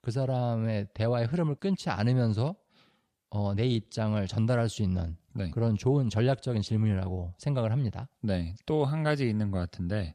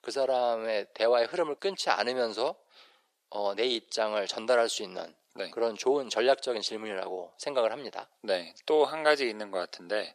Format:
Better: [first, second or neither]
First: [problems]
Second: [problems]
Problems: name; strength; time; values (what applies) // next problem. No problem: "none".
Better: first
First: none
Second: thin; very; fading below 400 Hz